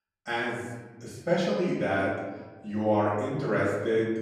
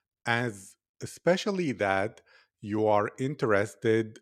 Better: second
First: off-mic speech; far // room echo; noticeable; dies away in 1.1 s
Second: none

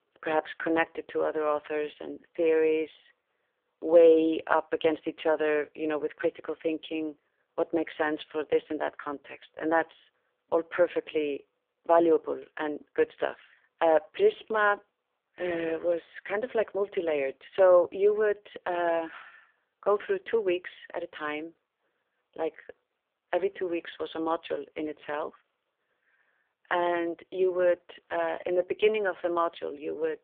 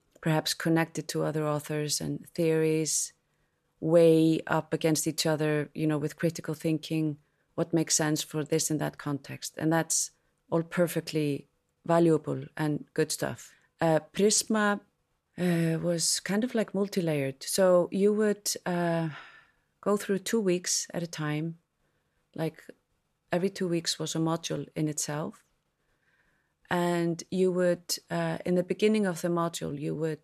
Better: second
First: phone-call audio; poor line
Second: none

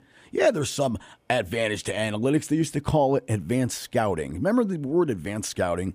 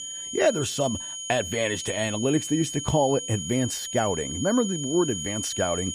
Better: first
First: none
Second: high-pitched whine; loud; throughout; 6.5 kHz, 6 dB below the speech

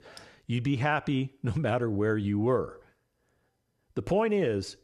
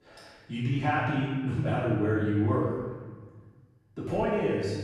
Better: first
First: none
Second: off-mic speech; far // room echo; strong; dies away in 1.3 s

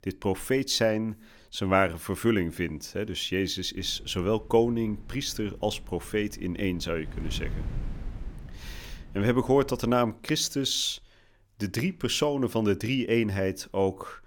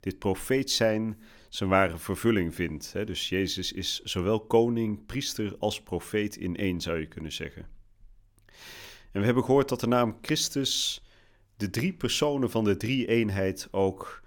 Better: second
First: wind noise on the microphone; occasional gusts; from 4 to 10 s; 25 dB below the speech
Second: none

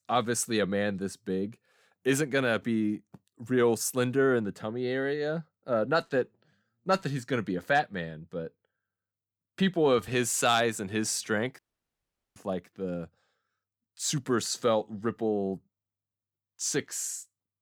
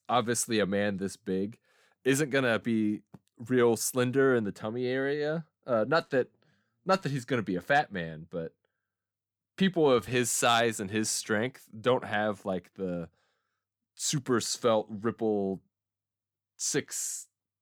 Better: second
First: audio cutting out; at 12 s for 1 s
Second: none

